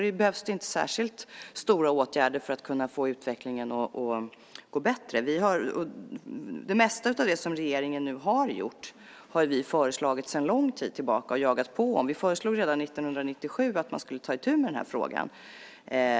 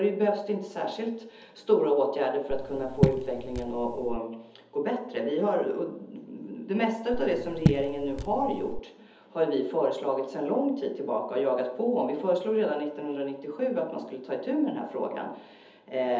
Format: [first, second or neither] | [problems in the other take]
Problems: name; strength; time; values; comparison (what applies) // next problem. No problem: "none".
first | background sound (Raindrop / Drip); 1 dB below the speech // room echo; dies away in 0.7 s